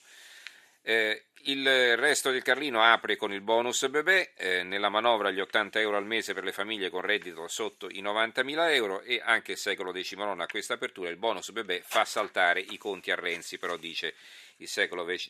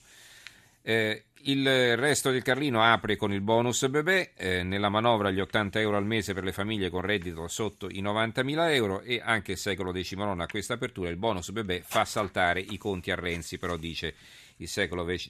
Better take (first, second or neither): second